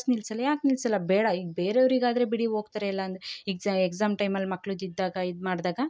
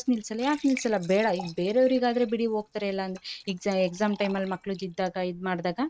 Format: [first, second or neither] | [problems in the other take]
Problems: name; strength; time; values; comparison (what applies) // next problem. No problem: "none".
first | noise reduction (neural mask model RNNoise)